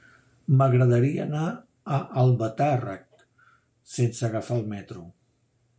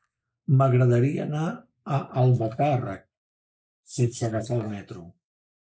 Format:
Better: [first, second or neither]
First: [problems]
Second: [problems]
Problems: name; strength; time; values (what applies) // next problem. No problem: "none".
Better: first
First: none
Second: noise reduction (neural mask model Resemble Enhance denoiser)